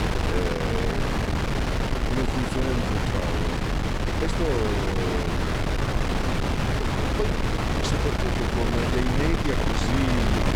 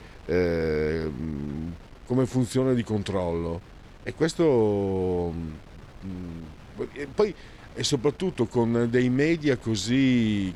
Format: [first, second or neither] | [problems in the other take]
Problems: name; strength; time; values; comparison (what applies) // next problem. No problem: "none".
second | wind noise on the microphone; heavy; 5 dB above the speech; occasional gusts in the second